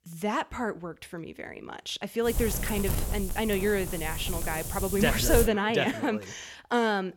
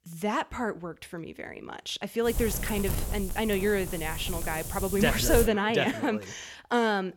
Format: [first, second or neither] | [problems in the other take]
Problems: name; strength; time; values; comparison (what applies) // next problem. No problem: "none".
second | wind noise on the microphone; heavy; from 2.5 to 5.5 s; 10 dB below the speech; occasional gusts in the second